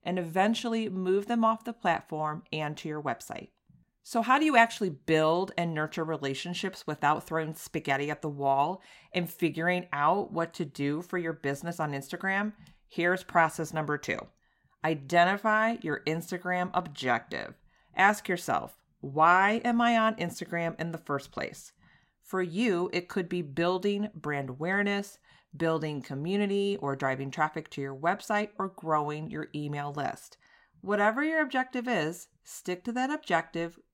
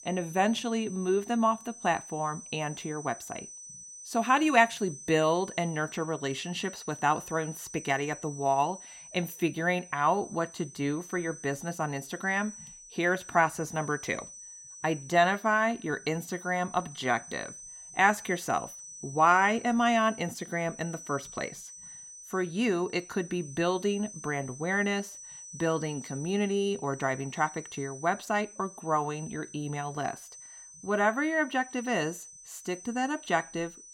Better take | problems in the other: first | high-pitched whine; noticeable; throughout; 6 kHz, 15 dB below the speech

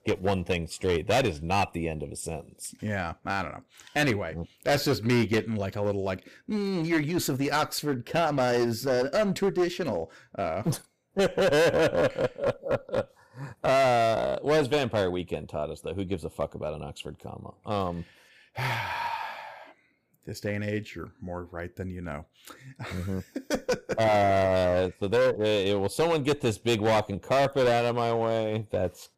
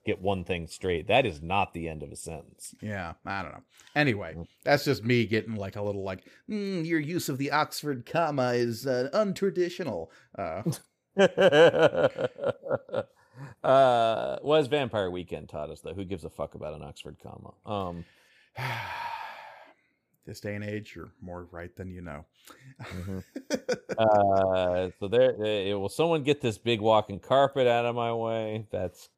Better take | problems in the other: second | distortion; heavy; 10% of the sound clipped

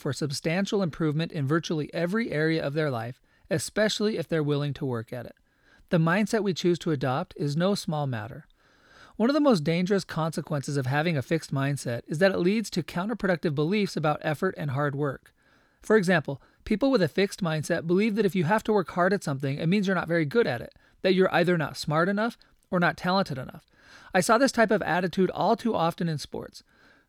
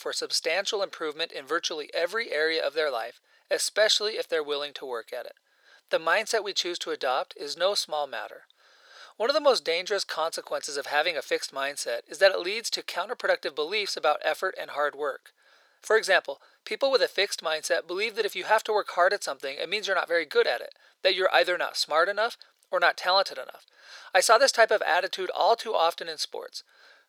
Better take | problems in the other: first | thin; very; fading below 500 Hz

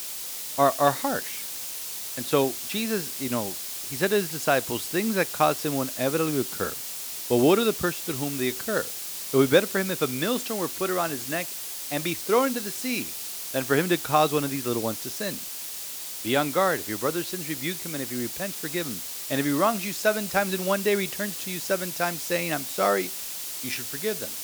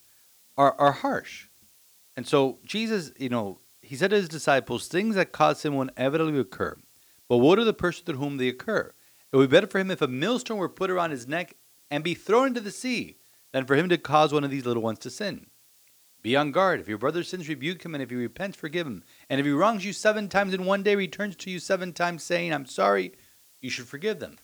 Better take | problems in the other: second | hiss; loud; throughout; 4 dB below the speech; faint in the second

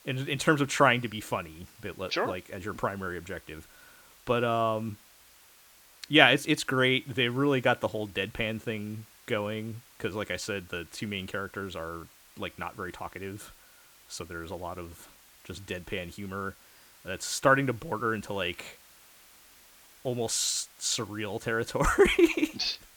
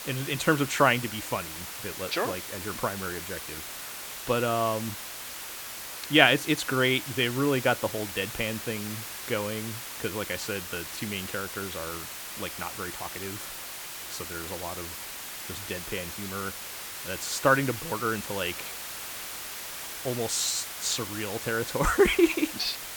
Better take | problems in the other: first | hiss; loud; throughout; 8 dB below the speech; faint in the first

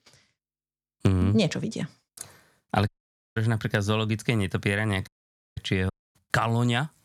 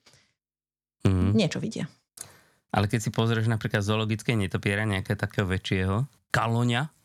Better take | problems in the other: second | audio cutting out; at 3 s, at 5 s and at 6 s

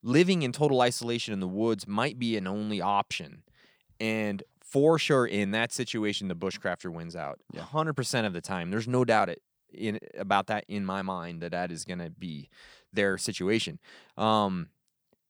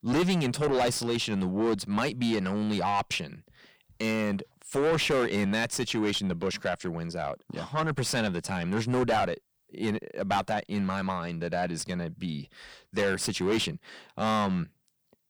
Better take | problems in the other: first | distortion; heavy; 5 dB below the speech

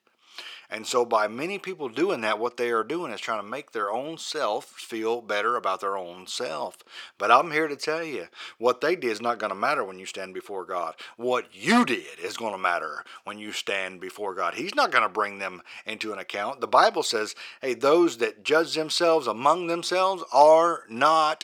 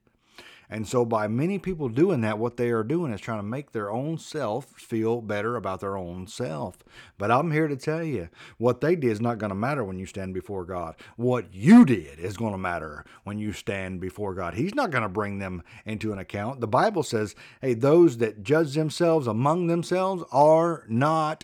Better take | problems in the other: second | thin; somewhat; fading below 500 Hz

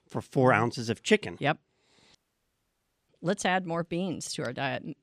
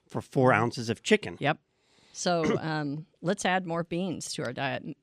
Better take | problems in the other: second | audio cutting out; at 2 s for 1 s

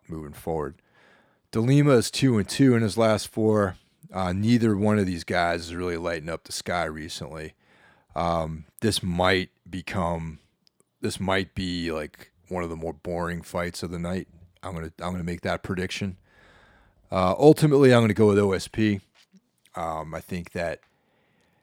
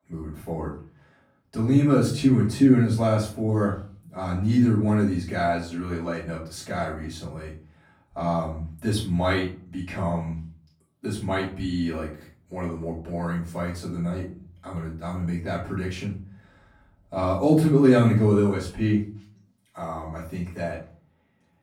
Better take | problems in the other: first | off-mic speech; far // room echo; slight; dies away in 0.4 s

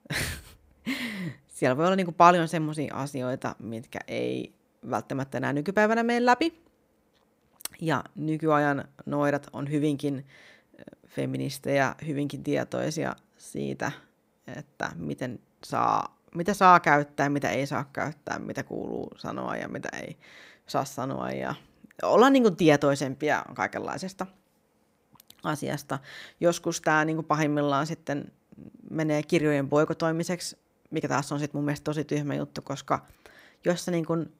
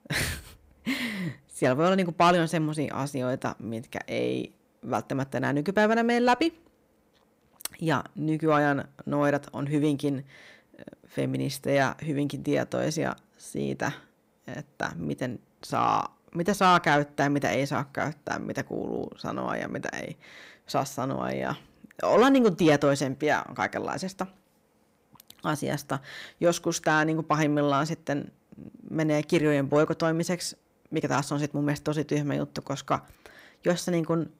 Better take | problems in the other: first | distortion; slight; 10 dB below the speech

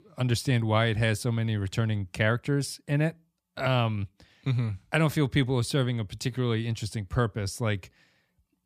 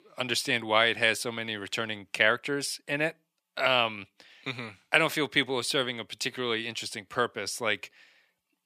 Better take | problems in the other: first | thin; very; fading below 400 Hz

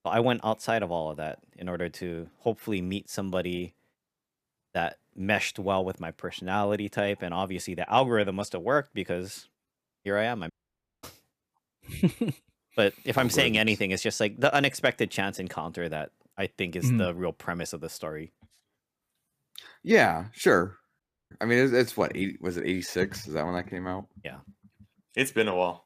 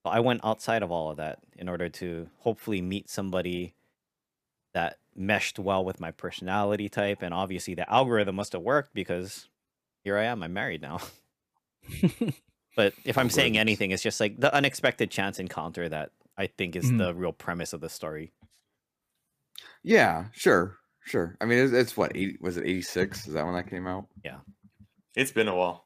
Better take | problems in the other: second | audio cutting out; at 11 s for 0.5 s and at 21 s

